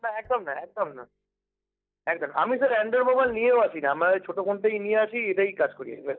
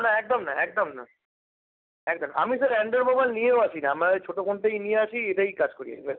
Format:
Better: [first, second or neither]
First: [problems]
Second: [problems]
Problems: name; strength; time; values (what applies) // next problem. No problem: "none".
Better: second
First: noise reduction (neural mask model DeepFilterNet 3)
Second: none